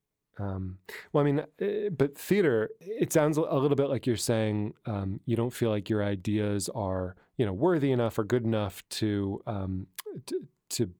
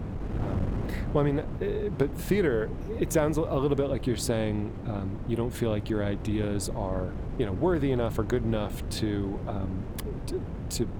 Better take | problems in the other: first | wind noise on the microphone; occasional gusts; 10 dB below the speech

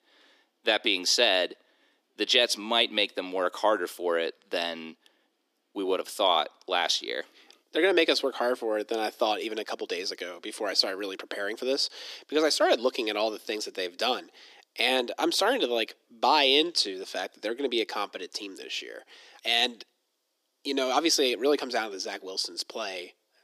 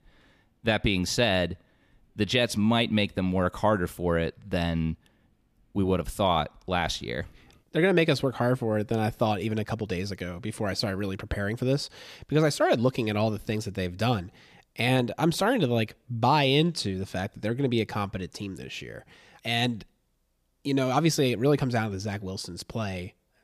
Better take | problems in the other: second | thin; somewhat; fading below 300 Hz

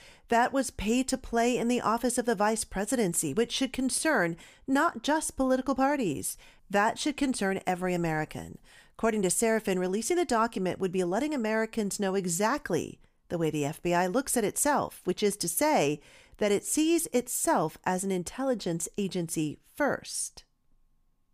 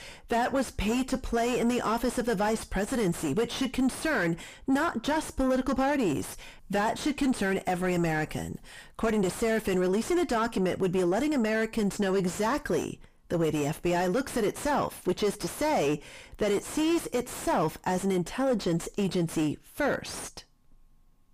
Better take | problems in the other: first | distortion; heavy; 5 dB below the speech

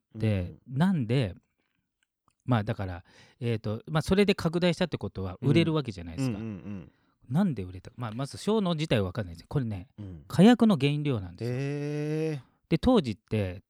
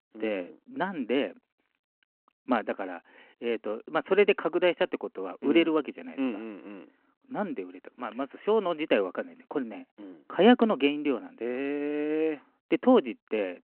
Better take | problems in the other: first | phone-call audio

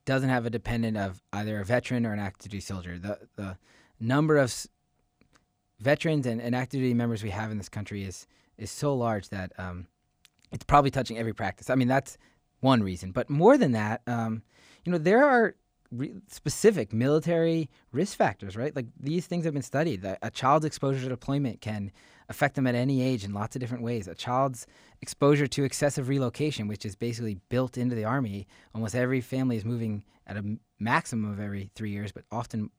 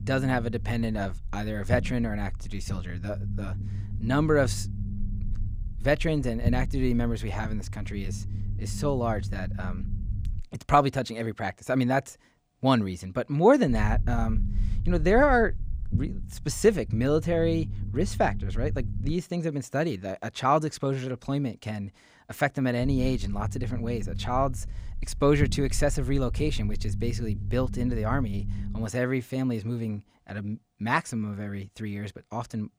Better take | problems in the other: first | low rumble; noticeable; until 10 s, from 14 to 19 s and from 23 to 29 s; 20 dB below the speech

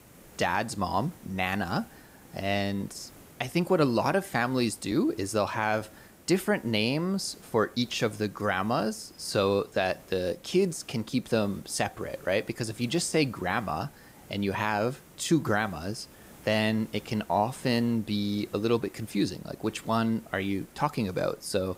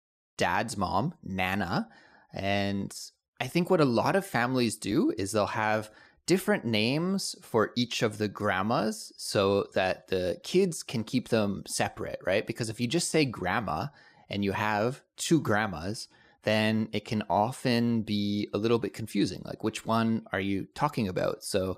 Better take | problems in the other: second | hiss; faint; throughout; 25 dB below the speech

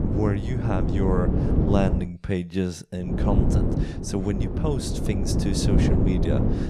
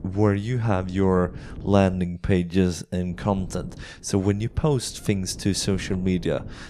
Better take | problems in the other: second | wind noise on the microphone; heavy; until 2 s and from 3 s on; 1 dB below the speech; occasional gusts in the second

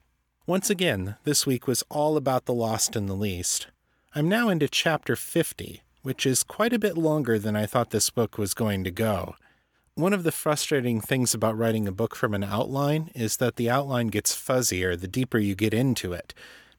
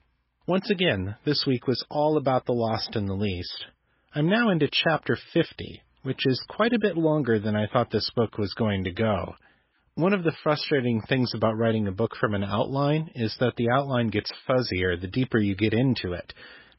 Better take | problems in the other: first | garbled, watery; badly; nothing above 5.5 kHz

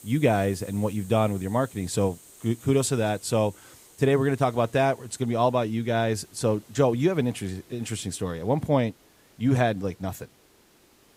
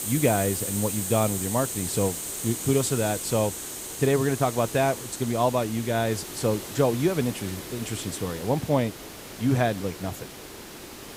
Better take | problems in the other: first | hiss; loud; throughout; 7 dB below the speech; faint in the first

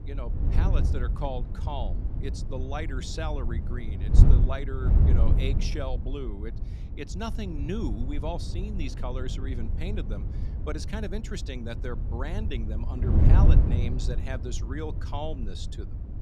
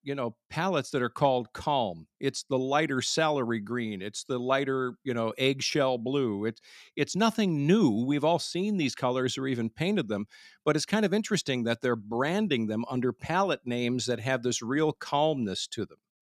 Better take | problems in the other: second | wind noise on the microphone; heavy; 4 dB below the speech

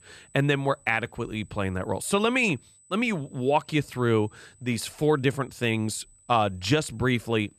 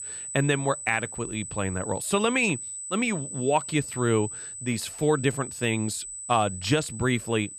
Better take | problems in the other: first | high-pitched whine; loud; throughout; 8 kHz, 8 dB below the speech; faint in the first

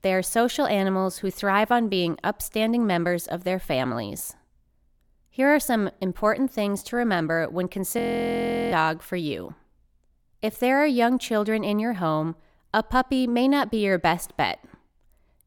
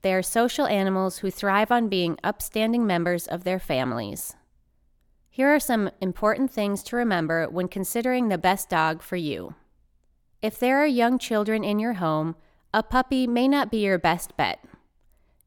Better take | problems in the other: second | audio freezing; at 8 s for 0.5 s

